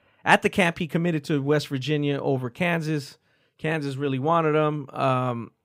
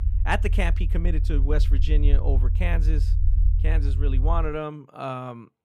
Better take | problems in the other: first | low rumble; noticeable; until 4.5 s; 10 dB below the speech

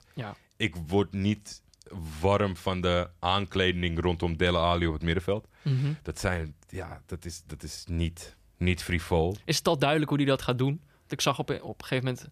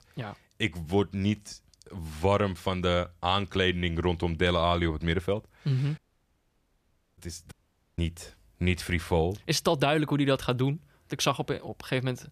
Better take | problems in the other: first | audio cutting out; at 6 s for 1 s and at 7.5 s

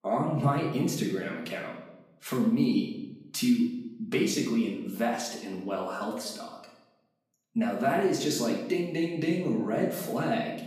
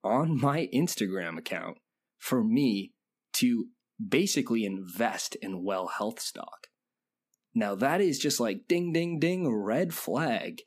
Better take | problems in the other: second | off-mic speech; far // room echo; noticeable; dies away in 0.8 s

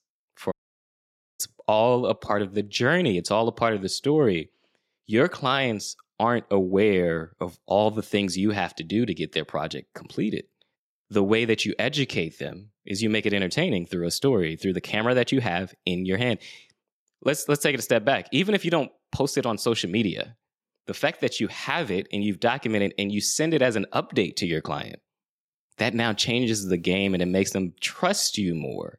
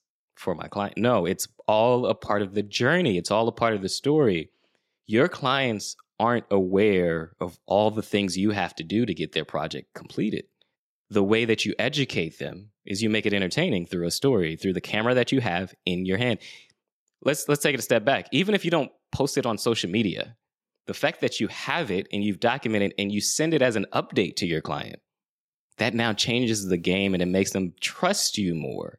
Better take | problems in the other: second | audio cutting out; at 0.5 s for 1 s

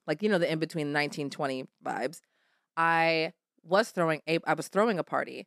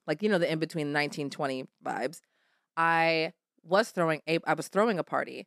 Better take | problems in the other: neither | none

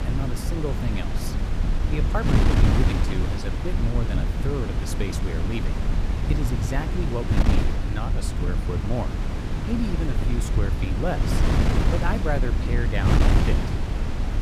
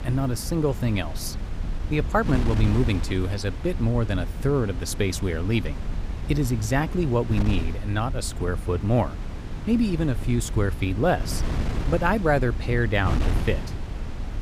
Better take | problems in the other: second | wind noise on the microphone; heavy; 1 dB above the speech; occasional gusts in the second

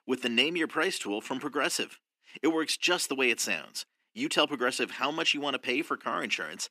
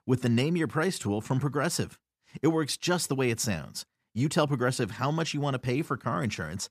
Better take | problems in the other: second | thin; somewhat; fading below 300 Hz

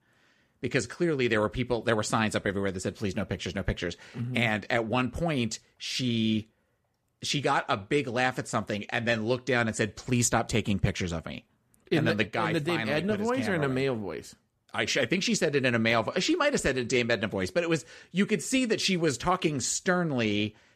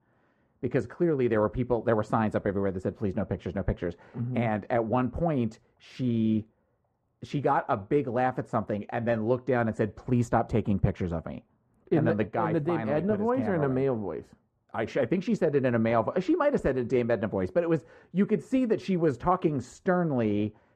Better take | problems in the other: first | muffled; very; fading above 2 kHz

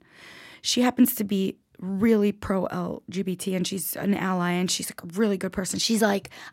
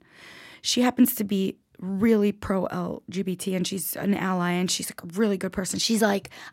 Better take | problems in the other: neither | none

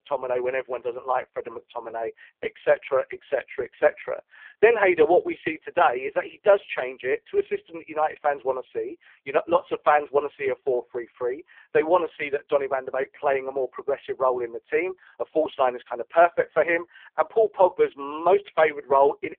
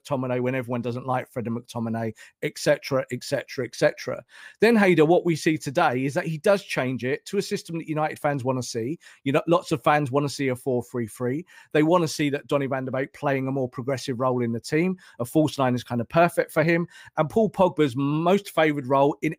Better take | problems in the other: second | phone-call audio; poor line

